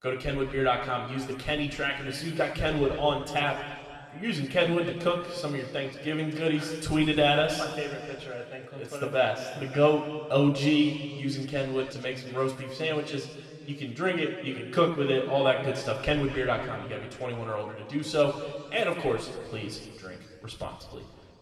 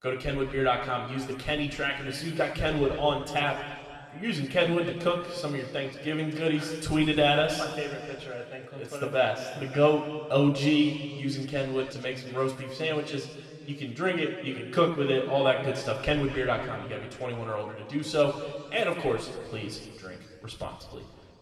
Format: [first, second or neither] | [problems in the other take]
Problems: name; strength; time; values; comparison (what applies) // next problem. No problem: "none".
neither | room echo; noticeable; dies away in 2.1 s; the same in both // off-mic speech; somewhat distant; the same in both